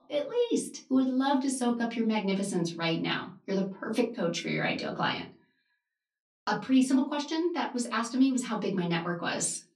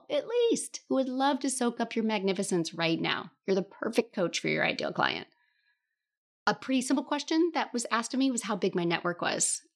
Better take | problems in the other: second | off-mic speech; far // room echo; very slight; dies away in 0.2 s

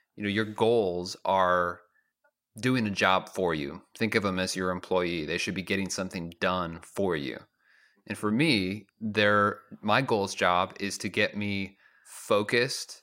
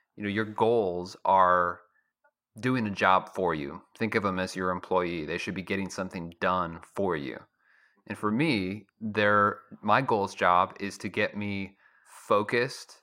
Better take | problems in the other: first | muffled; slightly; fading above 3 kHz

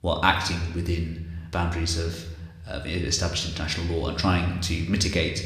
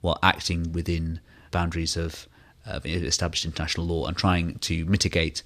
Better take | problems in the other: second | room echo; slight; dies away in 0.9 s

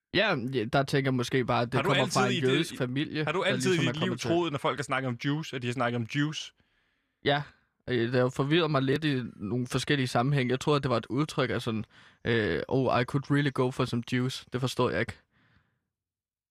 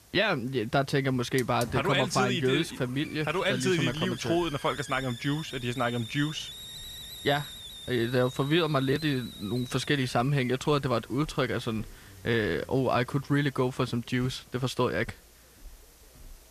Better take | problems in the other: first | hiss; noticeable; throughout; 15 dB below the speech

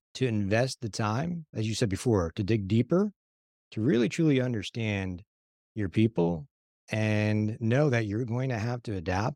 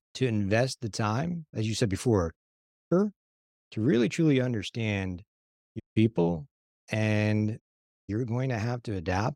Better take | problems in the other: first | audio cutting out; at 2.5 s for 0.5 s, at 6 s and at 7.5 s

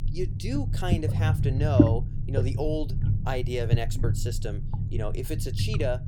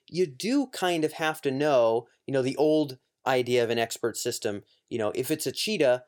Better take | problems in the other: second | low rumble; loud; throughout; 3 dB below the speech

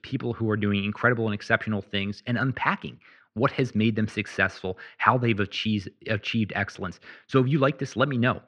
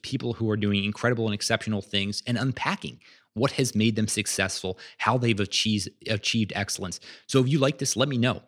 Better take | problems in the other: second | muffled; very; fading above 2 kHz

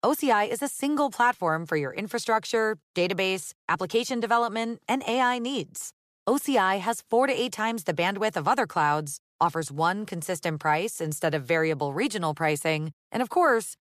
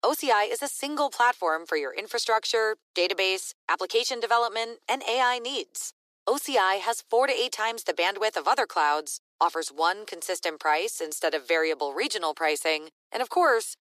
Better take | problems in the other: first | thin; somewhat; fading below 350 Hz

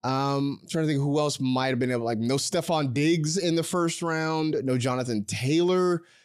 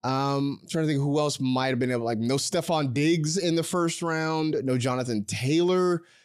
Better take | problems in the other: neither | none

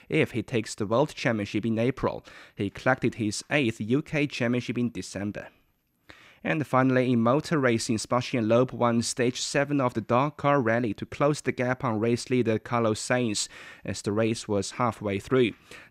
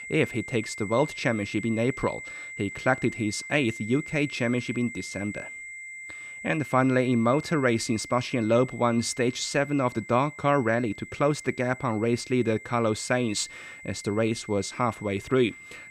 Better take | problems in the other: first | high-pitched whine; noticeable; throughout; 2 kHz, 15 dB below the speech

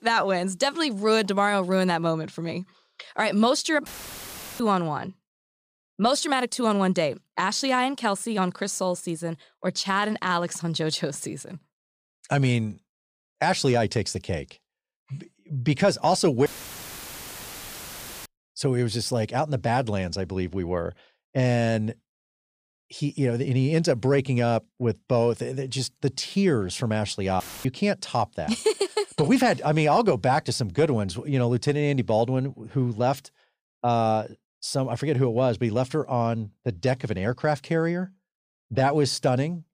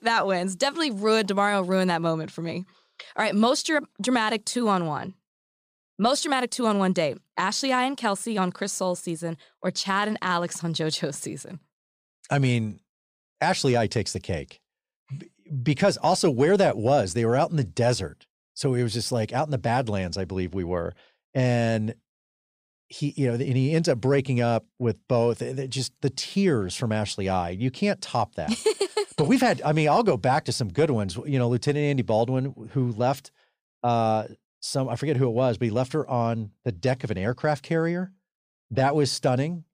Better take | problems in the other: second | audio cutting out; filled with static; at 4 s for 0.5 s, at 16 s for 2 s and at 27 s

